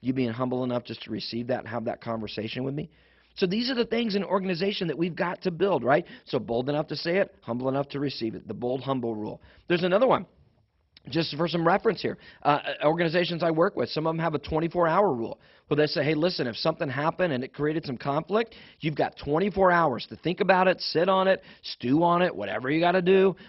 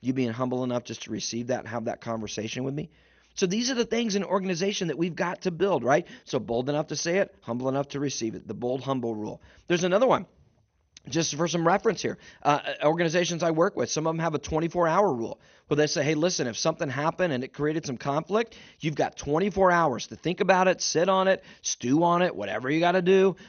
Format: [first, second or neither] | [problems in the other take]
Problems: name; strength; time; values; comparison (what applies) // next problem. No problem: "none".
second | garbled, watery; badly; nothing above 5.5 kHz; slightly in the second